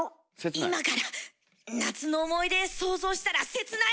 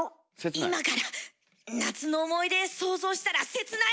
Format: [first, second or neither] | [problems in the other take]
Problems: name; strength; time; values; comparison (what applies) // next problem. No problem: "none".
second | background sound (Meow); 14 dB below the speech